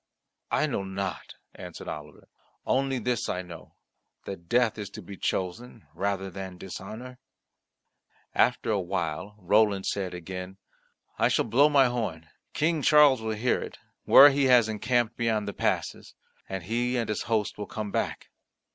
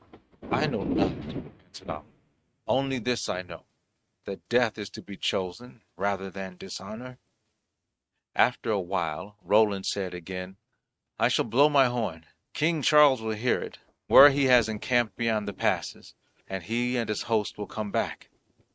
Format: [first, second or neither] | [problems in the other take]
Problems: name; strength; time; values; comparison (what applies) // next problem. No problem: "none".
first | noise reduction (neural mask model RNNoise)